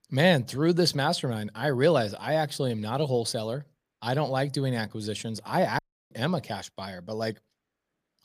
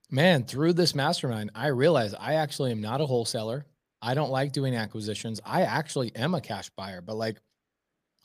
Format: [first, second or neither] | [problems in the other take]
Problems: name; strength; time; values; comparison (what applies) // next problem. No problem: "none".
second | audio cutting out; at 6 s